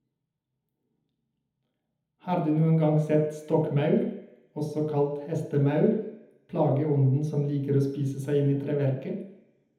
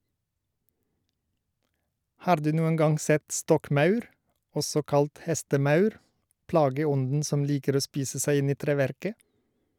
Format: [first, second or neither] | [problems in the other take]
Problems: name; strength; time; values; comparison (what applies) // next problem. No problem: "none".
second | room echo; dies away in 1 s